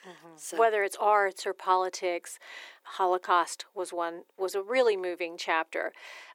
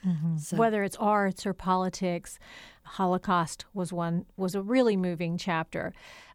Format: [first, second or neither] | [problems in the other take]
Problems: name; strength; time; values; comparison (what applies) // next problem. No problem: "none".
second | thin; very; fading below 350 Hz